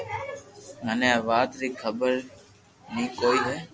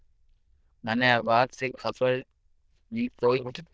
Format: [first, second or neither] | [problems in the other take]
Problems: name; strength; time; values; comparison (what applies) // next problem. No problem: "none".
first | noise reduction (neural diffusion model UNIVERSE++)